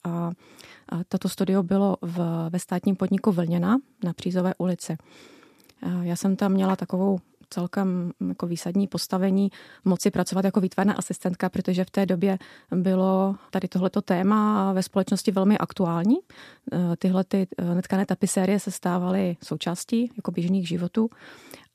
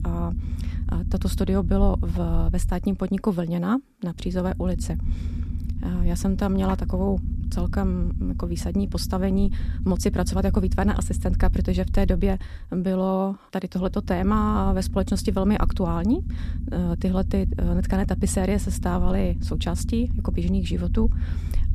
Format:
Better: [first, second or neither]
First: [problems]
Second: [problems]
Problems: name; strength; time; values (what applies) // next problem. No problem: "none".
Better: first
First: none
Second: low rumble; noticeable; throughout; 15 dB below the speech